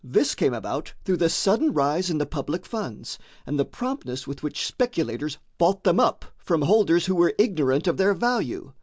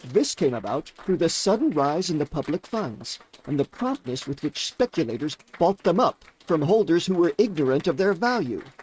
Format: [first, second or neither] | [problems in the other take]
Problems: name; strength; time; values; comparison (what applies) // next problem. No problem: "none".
first | noise reduction (neural mask model RNNoise)